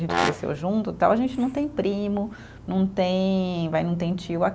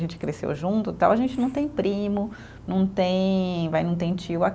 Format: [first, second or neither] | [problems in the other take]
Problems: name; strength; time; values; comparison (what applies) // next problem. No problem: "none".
second | background sound (Brass instrument); 5 dB below the speech